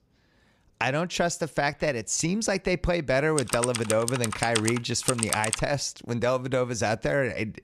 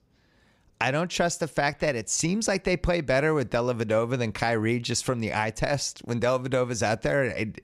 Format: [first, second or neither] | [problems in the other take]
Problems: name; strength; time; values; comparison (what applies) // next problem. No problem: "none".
second | keyboard typing; noticeable; from 3.5 to 5.5 s; peak 1 dB below the speech